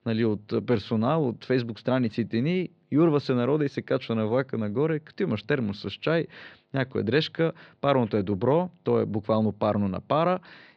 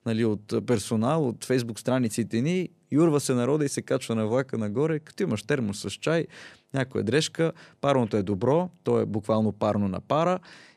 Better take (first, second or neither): second